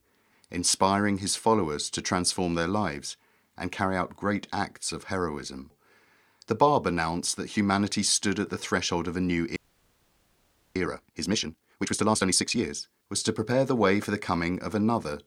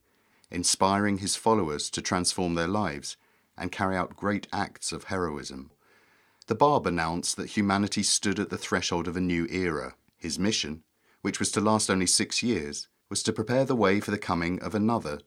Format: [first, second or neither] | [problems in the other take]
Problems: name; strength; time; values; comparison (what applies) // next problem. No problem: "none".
second | audio freezing; at 9.5 s for 1 s